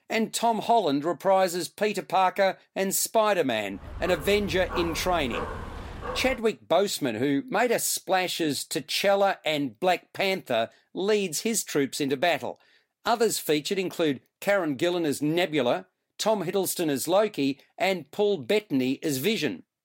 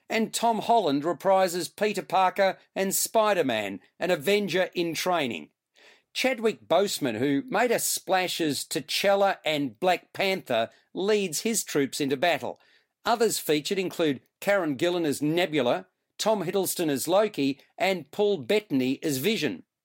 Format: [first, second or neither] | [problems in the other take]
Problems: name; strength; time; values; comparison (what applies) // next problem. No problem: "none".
second | dog barking; noticeable; from 3.5 to 6.5 s; peak 8 dB below the speech